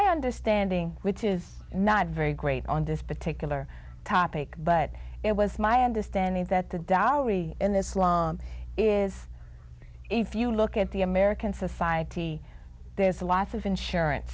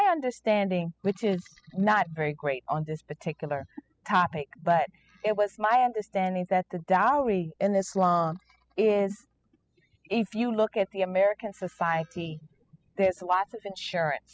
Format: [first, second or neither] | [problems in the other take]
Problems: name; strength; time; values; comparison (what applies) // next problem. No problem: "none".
first | noise reduction (classical method spectral subtraction)